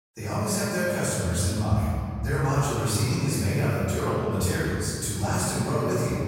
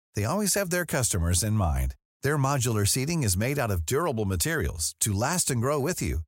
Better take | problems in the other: second | off-mic speech; far // room echo; strong; dies away in 2.2 s

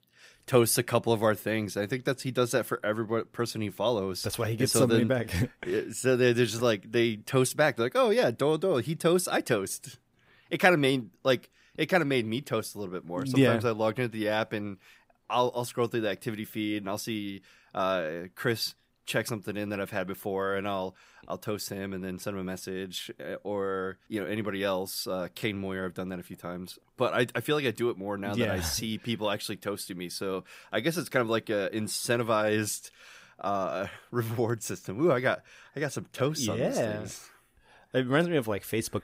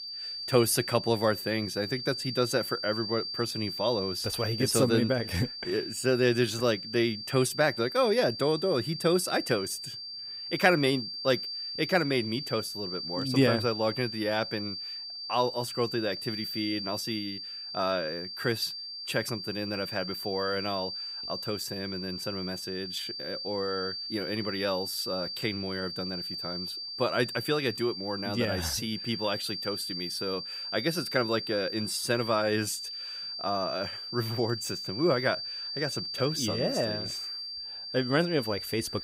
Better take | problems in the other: first | high-pitched whine; loud; throughout; 4.5 kHz, 5 dB below the speech

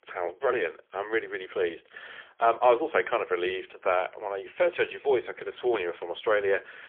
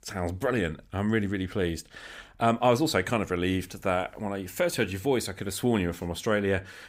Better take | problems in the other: second | phone-call audio; poor line; nothing above 3.5 kHz

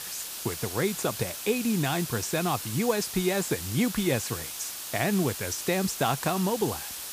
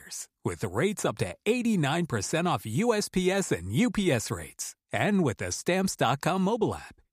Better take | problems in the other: second | hiss; loud; throughout; 6 dB below the speech

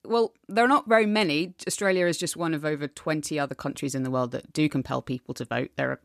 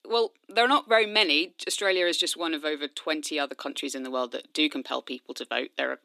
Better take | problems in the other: first | thin; very slightly; fading below 300 Hz

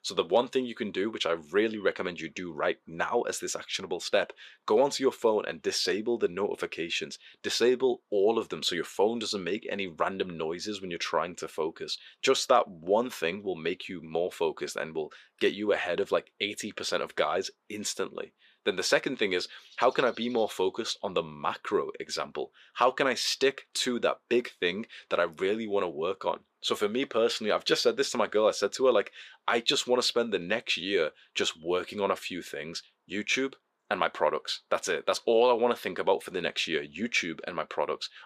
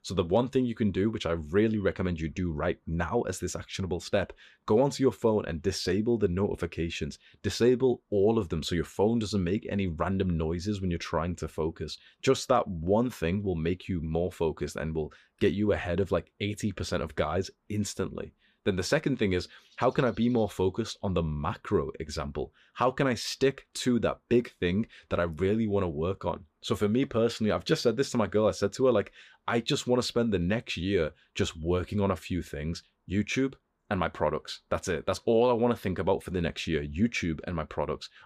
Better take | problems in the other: second | thin; somewhat; fading below 400 Hz

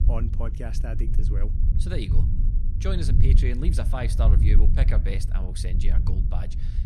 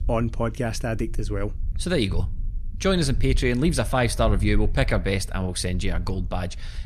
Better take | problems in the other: second | low rumble; loud; throughout; 5 dB below the speech; faint in the second

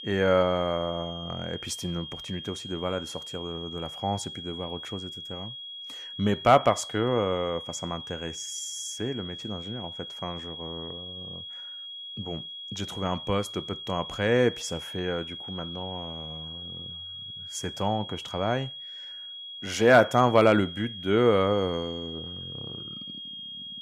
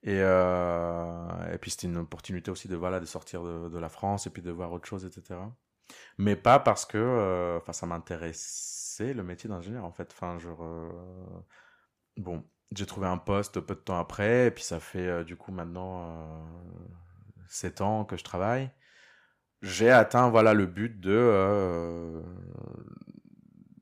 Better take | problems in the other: second | high-pitched whine; loud; throughout; 3.5 kHz, 10 dB below the speech

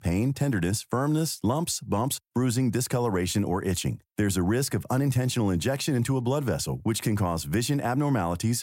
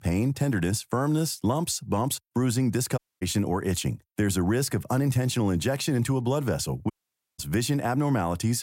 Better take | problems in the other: first | audio cutting out; at 3 s and at 7 s

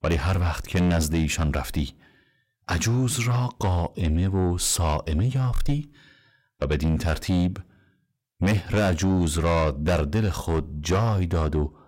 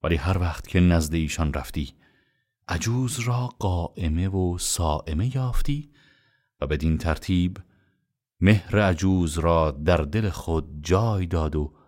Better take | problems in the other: second | distortion; heavy; 8 dB below the speech

